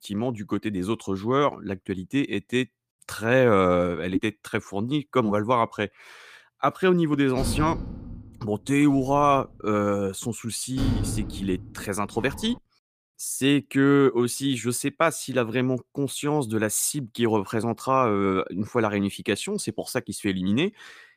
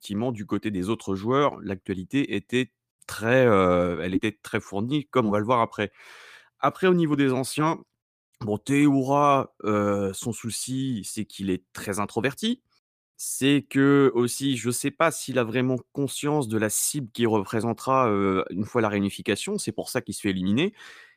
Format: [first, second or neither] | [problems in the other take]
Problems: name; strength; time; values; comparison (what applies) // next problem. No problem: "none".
second | door banging; noticeable; from 7.5 to 13 s; peak 3 dB below the speech